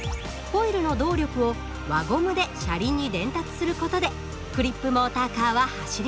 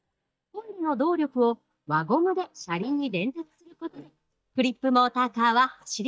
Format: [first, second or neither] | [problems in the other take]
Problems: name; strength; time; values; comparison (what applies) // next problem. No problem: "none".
first | noise reduction (neural mask model DeepFilterNet 3)